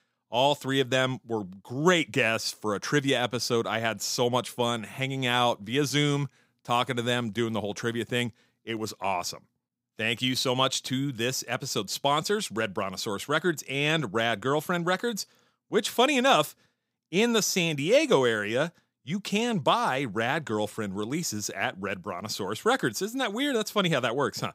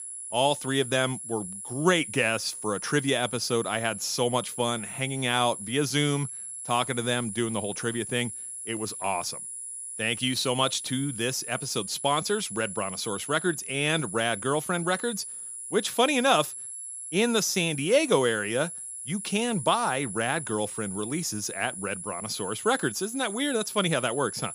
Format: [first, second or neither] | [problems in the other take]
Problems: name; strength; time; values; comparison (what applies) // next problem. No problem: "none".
first | high-pitched whine; loud; throughout; 10.5 kHz, 8 dB below the speech